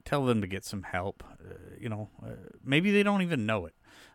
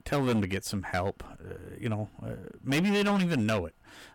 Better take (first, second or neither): first